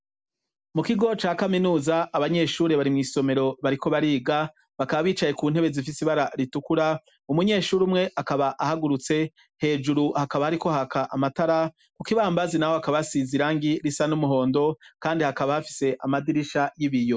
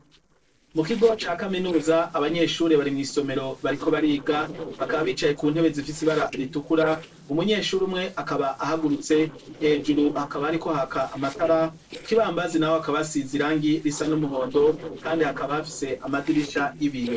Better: first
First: none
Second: noise reduction (neural separator model SepFormer DNS4)

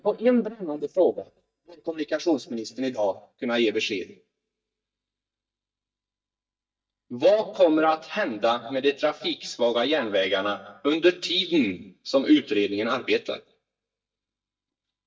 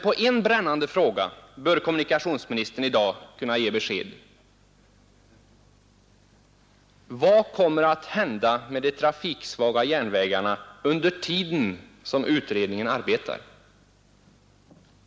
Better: second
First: noise reduction (neural mask model DeepFilterNet 3)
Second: none

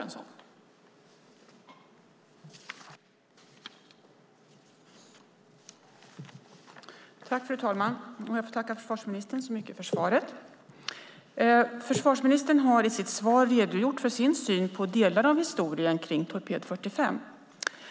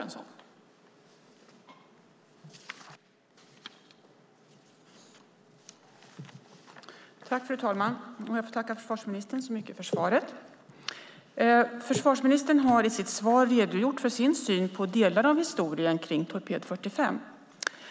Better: first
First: none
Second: background sound (Microwave oven); 19 dB below the speech

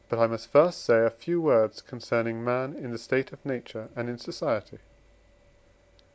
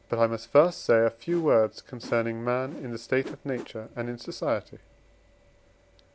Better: first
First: none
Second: background sound (Whoosh, swoosh, swish); 19 dB below the speech

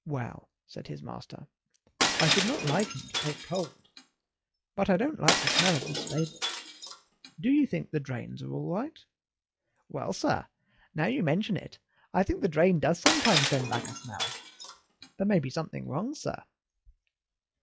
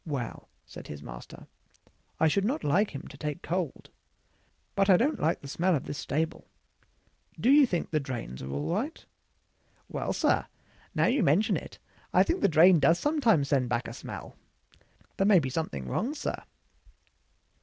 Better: second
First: noise reduction (classical method log-MMSE)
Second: none

